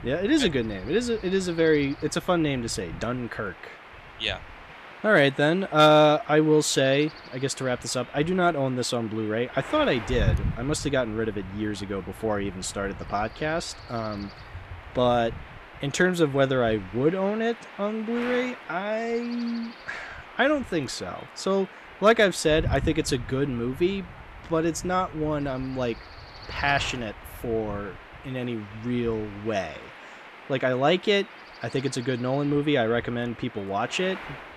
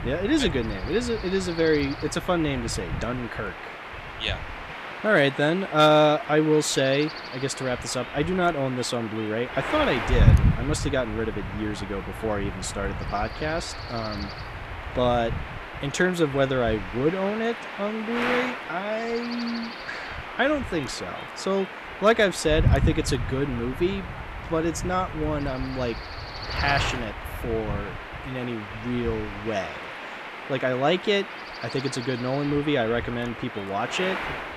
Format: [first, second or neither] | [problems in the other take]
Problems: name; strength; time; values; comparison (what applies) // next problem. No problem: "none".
first | wind noise on the microphone; heavy; 7 dB below the speech; occasional gusts in the first